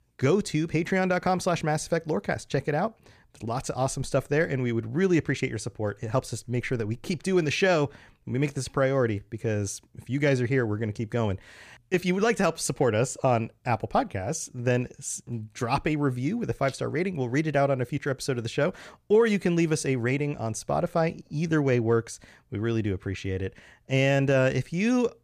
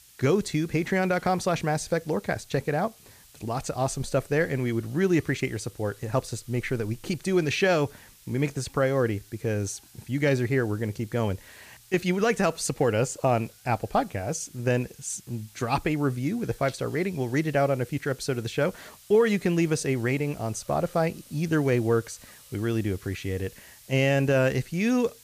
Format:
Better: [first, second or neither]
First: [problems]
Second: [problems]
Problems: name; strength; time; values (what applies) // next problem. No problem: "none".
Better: first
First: none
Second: hiss; faint; throughout; 25 dB below the speech